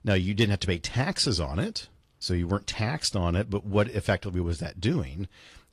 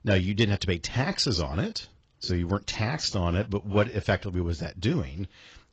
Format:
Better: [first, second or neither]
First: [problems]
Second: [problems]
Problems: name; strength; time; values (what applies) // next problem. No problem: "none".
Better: first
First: garbled, watery; slightly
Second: garbled, watery; badly; nothing above 7.5 kHz